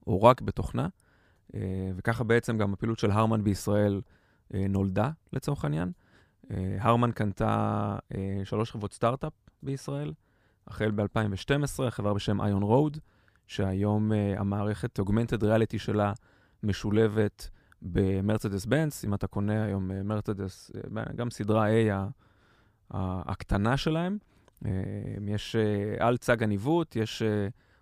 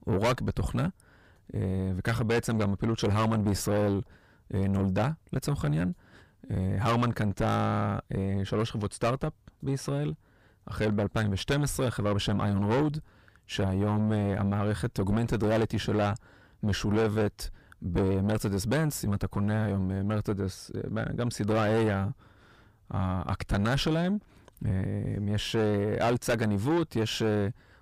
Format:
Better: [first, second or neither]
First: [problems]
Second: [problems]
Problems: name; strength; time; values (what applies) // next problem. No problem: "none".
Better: first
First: none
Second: distortion; heavy; 6 dB below the speech